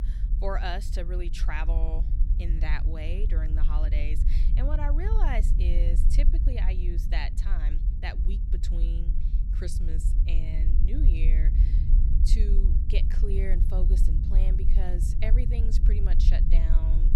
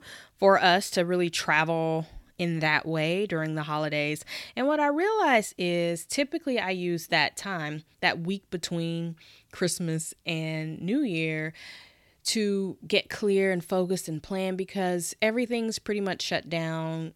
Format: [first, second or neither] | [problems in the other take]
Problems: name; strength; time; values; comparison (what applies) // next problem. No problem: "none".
second | low rumble; loud; throughout; 7 dB below the speech